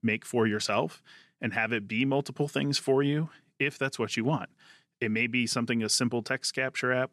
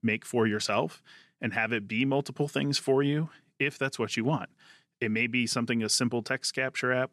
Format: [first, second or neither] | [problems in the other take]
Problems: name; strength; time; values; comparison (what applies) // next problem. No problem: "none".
neither | none